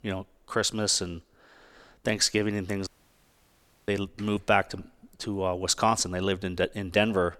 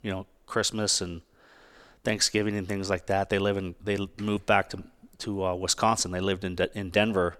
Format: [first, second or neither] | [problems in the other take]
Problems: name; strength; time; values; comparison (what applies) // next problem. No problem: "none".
second | audio cutting out; at 3 s for 1 s